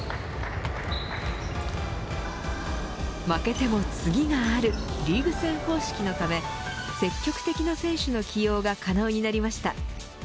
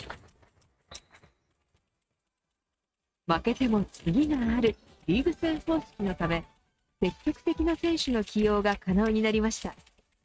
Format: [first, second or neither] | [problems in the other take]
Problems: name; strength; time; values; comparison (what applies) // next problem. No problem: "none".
first | noise reduction (neural mask model RNNoise)